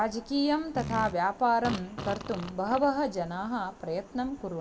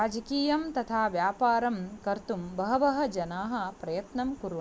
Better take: second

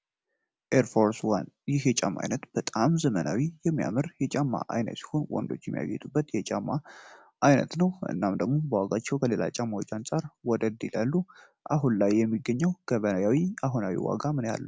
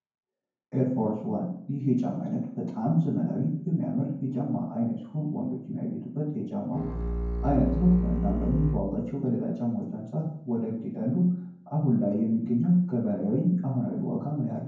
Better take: first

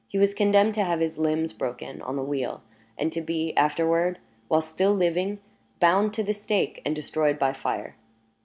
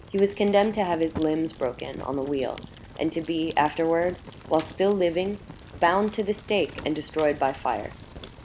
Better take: first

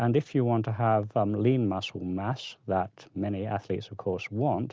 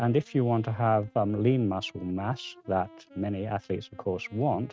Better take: first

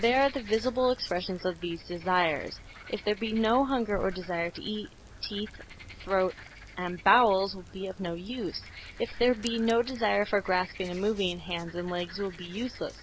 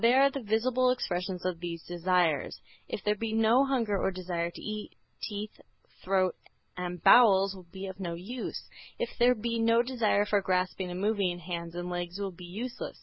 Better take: second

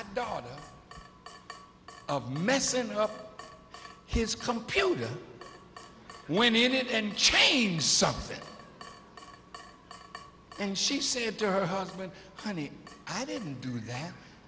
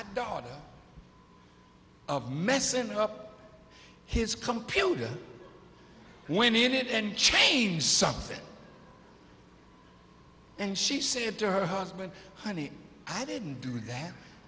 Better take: second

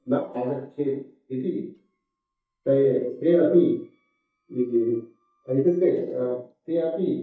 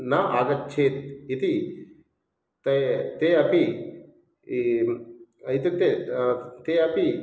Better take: second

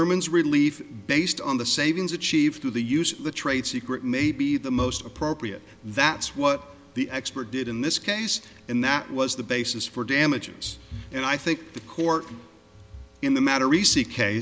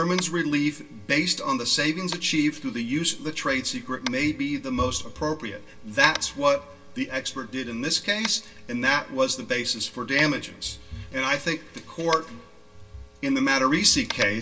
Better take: first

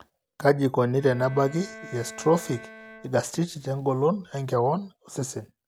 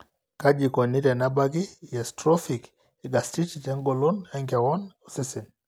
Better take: second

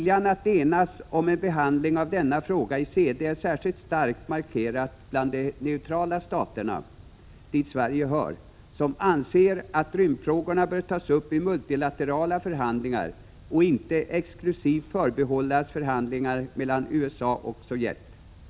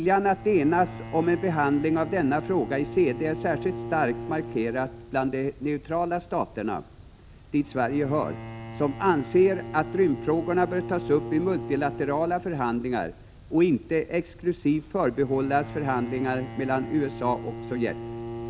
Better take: first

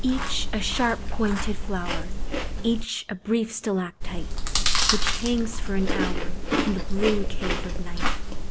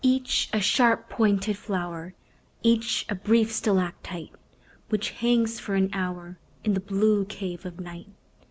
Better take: second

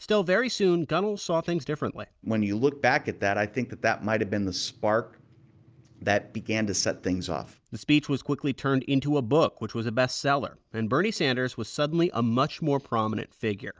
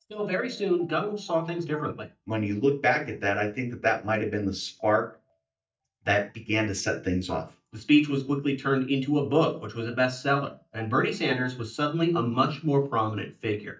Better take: first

